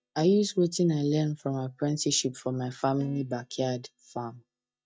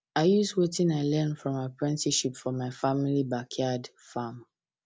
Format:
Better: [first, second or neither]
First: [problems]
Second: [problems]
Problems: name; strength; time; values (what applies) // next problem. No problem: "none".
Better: second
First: noise reduction (neural mask model DeepFilterNet 3)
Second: none